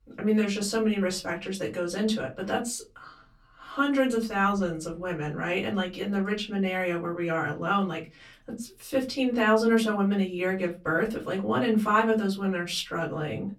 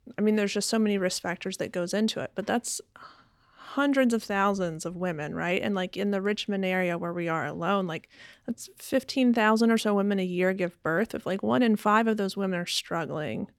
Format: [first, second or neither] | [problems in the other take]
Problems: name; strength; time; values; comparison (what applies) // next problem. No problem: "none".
second | off-mic speech; far // room echo; very slight; dies away in 0.2 s